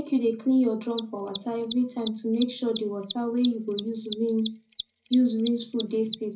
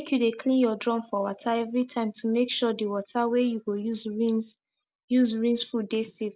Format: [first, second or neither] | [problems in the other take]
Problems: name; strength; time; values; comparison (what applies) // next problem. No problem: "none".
second | background sound (Mechanisms); 15 dB below the speech // room echo; dies away in 0.4 s